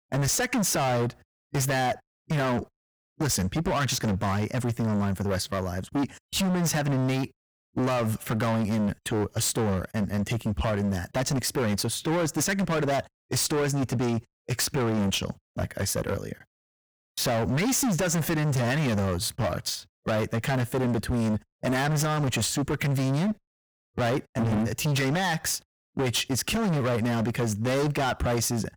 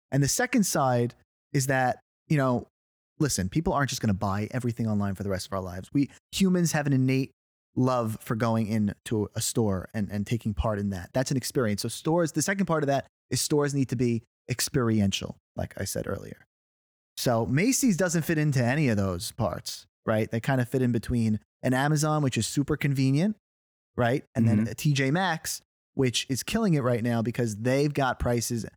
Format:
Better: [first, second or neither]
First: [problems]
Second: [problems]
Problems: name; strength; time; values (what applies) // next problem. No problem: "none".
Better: second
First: distortion; heavy; 28% of the sound clipped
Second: none